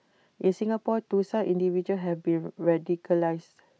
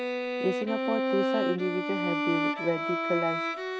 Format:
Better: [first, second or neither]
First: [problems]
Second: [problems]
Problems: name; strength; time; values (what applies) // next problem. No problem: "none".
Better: first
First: none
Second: background sound (Bowed string instrument); 2 dB above the speech